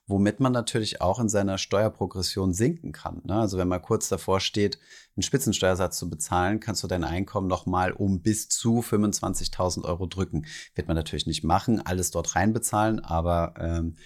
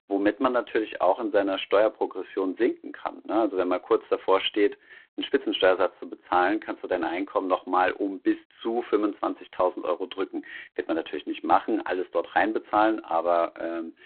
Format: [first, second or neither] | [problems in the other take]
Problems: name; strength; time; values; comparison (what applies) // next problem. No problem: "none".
first | phone-call audio; poor line